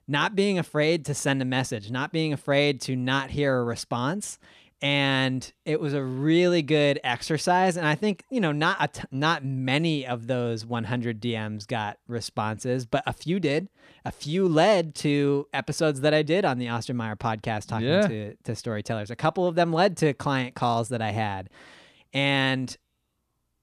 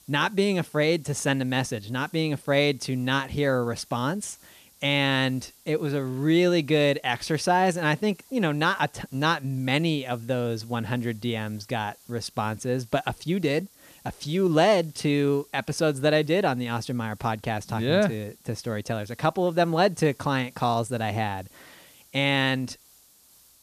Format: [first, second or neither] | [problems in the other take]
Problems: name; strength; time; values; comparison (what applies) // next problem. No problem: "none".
first | hiss; faint; throughout; 25 dB below the speech